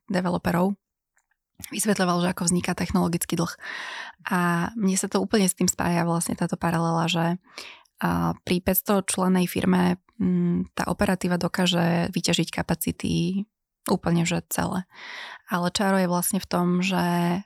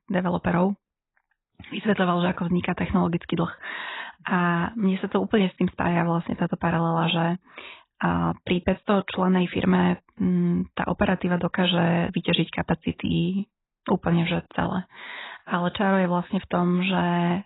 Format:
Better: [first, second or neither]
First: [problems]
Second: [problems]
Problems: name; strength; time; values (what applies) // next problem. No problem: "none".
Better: first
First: none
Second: garbled, watery; badly; nothing above 4 kHz